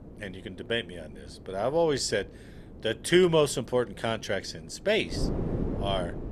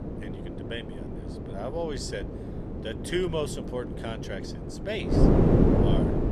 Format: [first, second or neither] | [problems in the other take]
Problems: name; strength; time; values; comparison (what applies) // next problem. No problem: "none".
first | wind noise on the microphone; heavy; 2 dB above the speech; occasional gusts in the first